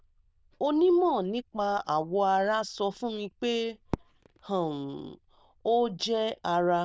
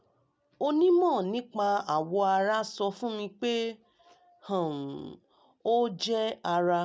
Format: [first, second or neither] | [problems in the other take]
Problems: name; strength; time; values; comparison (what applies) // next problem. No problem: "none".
second | noise reduction (neural diffusion model UNIVERSE++)